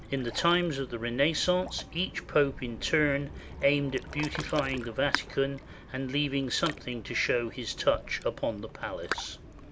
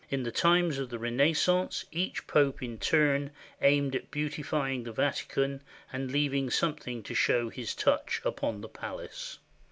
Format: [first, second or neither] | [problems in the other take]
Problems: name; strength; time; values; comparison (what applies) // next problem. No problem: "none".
second | background sound (Ocean); 11 dB below the speech